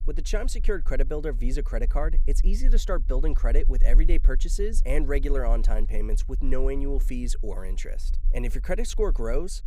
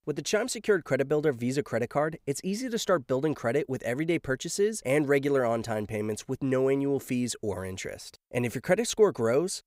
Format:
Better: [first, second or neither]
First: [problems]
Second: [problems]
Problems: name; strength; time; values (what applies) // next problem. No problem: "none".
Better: second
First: low rumble; faint; throughout; 20 dB below the speech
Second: none